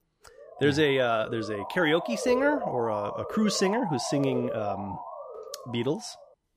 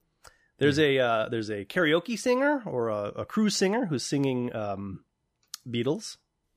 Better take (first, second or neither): second